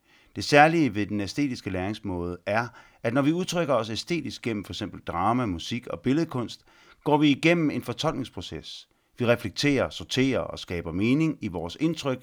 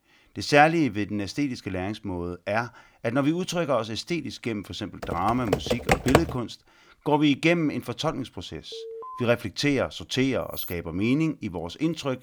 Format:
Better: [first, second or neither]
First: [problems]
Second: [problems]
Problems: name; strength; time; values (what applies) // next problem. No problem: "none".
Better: first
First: none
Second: keyboard typing; loud; from 5 to 6 s; peak 4 dB above the speech // alarm; faint; at 8.5 s; peak 10 dB below the speech // jangling keys; noticeable; at 11 s; peak 8 dB below the speech